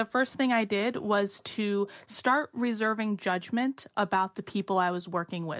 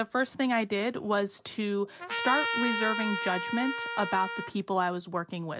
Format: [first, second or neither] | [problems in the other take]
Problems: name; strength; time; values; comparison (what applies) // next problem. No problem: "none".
first | background sound (Trumpet); 3 dB below the speech